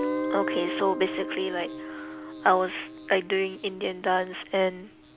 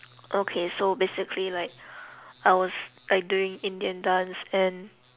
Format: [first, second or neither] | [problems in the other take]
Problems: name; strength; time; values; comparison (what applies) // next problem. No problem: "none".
second | background sound (Guitar); 7 dB below the speech